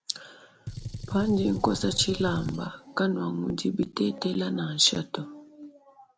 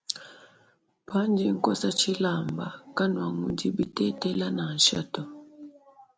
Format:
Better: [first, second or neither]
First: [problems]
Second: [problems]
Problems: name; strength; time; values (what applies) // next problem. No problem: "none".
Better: second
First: background sound (Gunshot, gunfire); 10 dB below the speech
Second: none